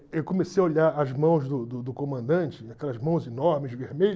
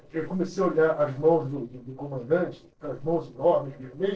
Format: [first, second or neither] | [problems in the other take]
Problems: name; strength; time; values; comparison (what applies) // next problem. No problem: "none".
first | noise reduction (neural separator model SepFormer DNS4)